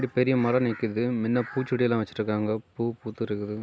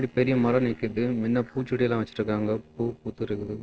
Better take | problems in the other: first | noise reduction (neural separator model SepFormer DNS4)

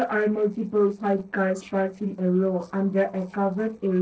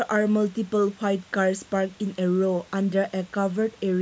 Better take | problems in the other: second | noise reduction (neural separator model SepFormer DNS4)

